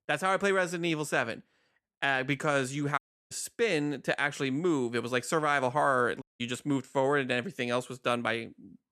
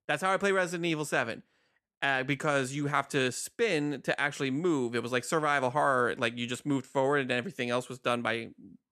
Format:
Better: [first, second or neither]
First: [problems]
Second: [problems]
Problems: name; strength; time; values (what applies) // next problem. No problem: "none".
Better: second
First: audio cutting out; at 3 s and at 6 s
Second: none